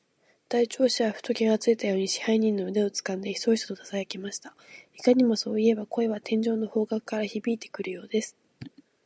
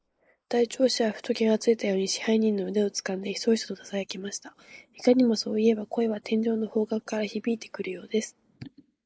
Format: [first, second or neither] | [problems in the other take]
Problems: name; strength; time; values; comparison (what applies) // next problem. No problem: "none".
first | noise reduction (neural mask model Resemble Enhance denoiser)